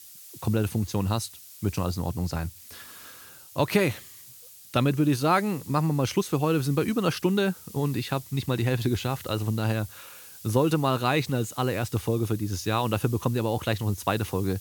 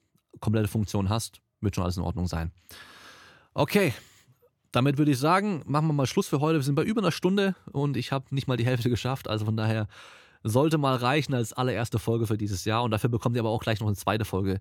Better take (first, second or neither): second